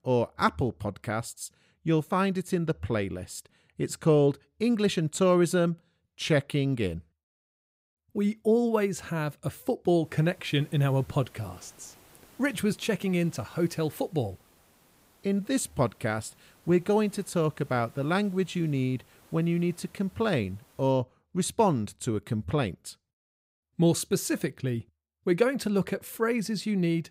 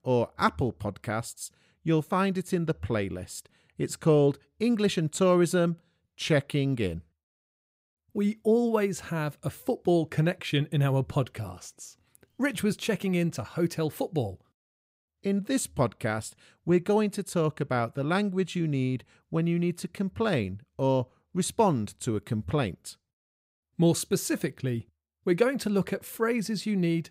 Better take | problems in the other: second | hiss; faint; from 10 to 21 s; 30 dB below the speech

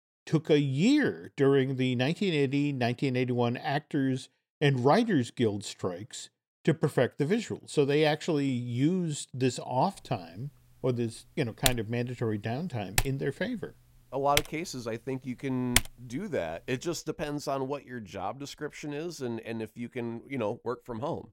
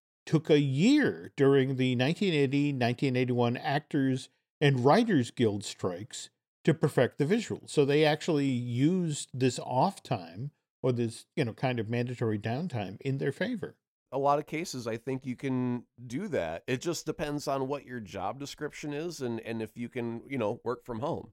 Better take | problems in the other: second | keyboard typing; loud; from 12 to 16 s; peak 3 dB above the speech

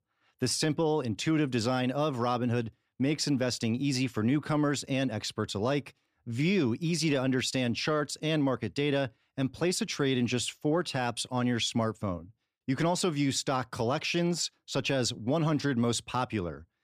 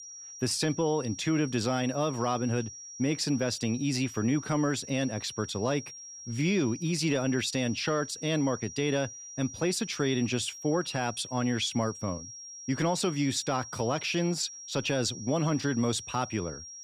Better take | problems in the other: first | high-pitched whine; noticeable; throughout; 5.5 kHz, 10 dB below the speech

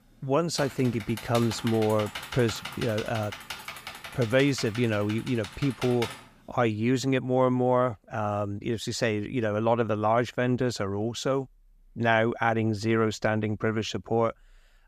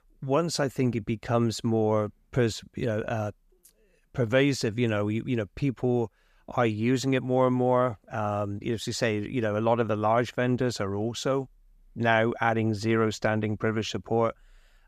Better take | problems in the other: second | keyboard typing; noticeable; from 0.5 to 6 s; peak 8 dB below the speech

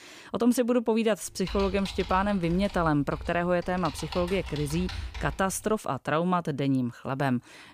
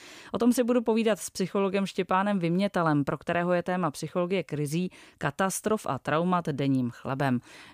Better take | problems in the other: second | keyboard typing; noticeable; from 1.5 to 6 s; peak 9 dB below the speech

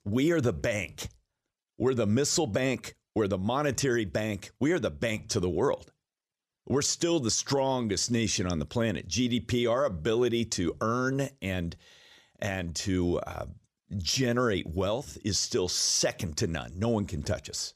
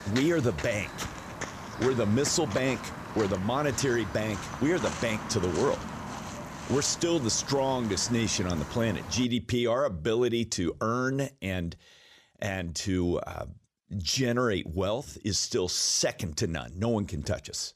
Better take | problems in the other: first | footsteps; noticeable; until 9.5 s; peak 6 dB below the speech

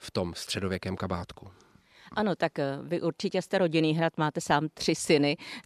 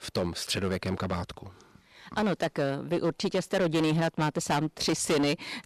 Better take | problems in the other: first | distortion; heavy; 10% of the sound clipped

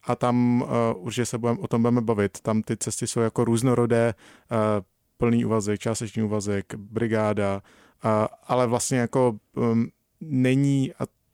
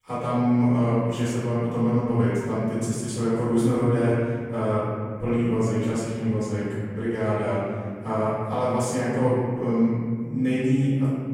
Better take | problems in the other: first | off-mic speech; far // room echo; strong; dies away in 2.3 s

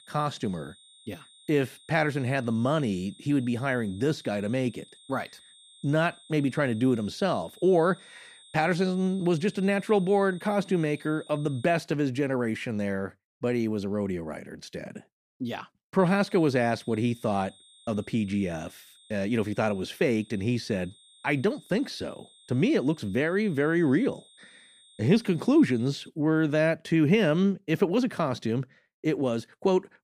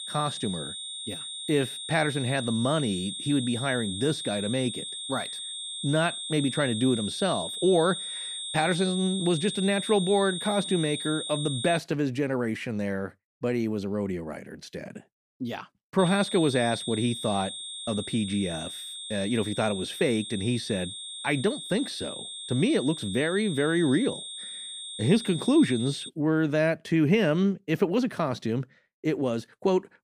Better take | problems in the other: first | high-pitched whine; loud; until 12 s and from 16 to 26 s; 3.5 kHz, 7 dB below the speech; faint in the first

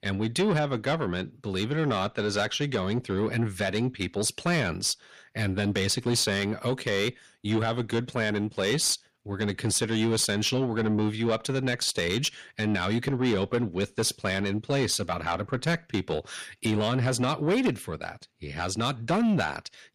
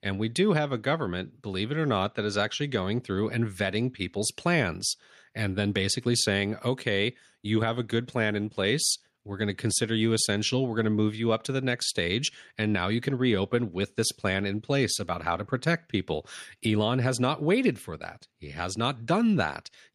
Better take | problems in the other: second | distortion; slight; 10 dB below the speech

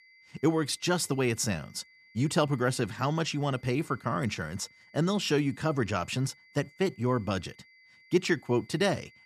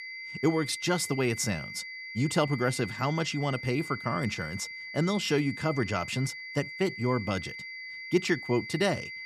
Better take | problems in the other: first | high-pitched whine; loud; throughout; 2 kHz, 9 dB below the speech; faint in the first

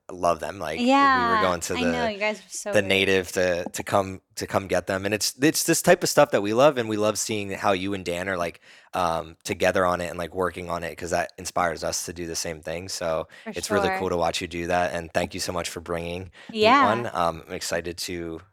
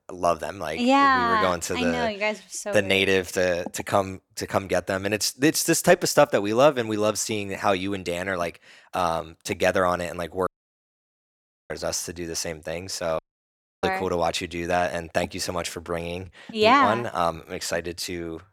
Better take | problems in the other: first | audio cutting out; at 10 s for 1 s and at 13 s for 0.5 s

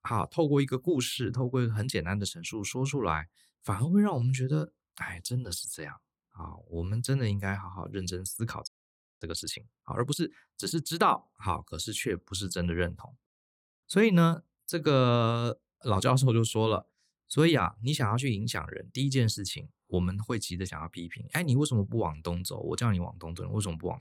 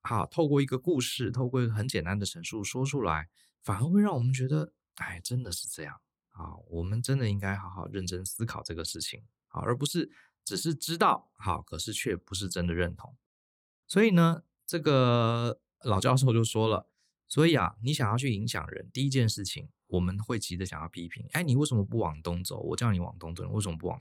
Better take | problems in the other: second | audio freezing; at 8.5 s for 0.5 s

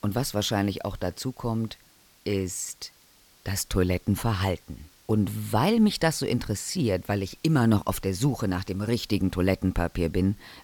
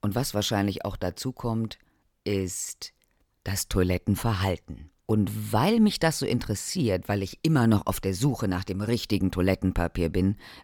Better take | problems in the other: second | hiss; faint; throughout; 30 dB below the speech

